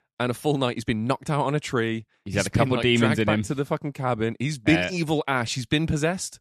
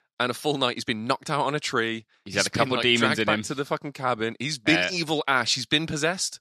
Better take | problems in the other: first | thin; very slightly; fading below 600 Hz

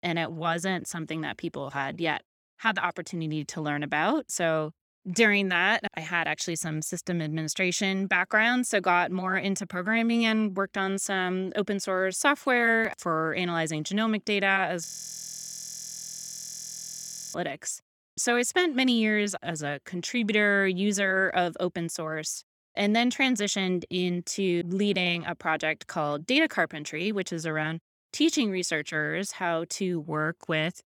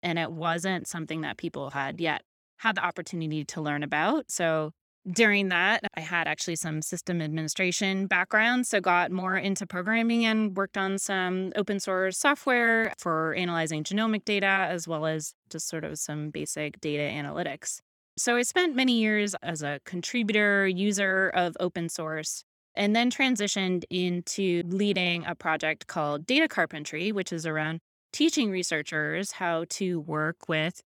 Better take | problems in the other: second | audio freezing; at 15 s for 2.5 s

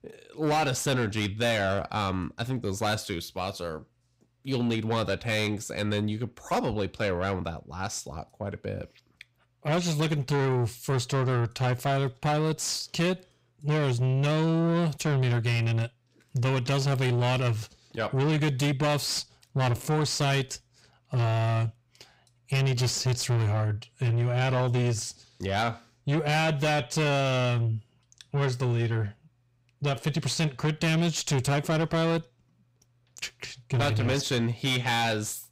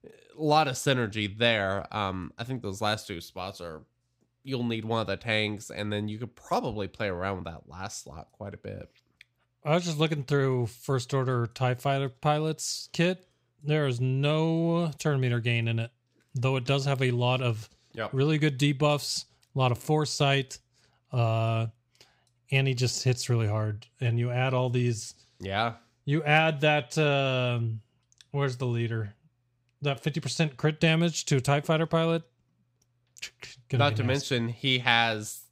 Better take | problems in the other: second | distortion; heavy; 7 dB below the speech

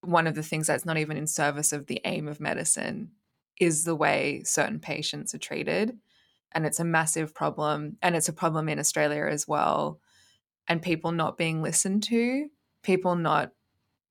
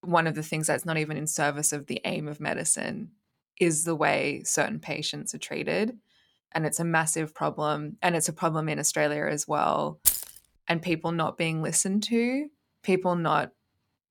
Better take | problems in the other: first | jangling keys; loud; at 10 s; peak 4 dB above the speech

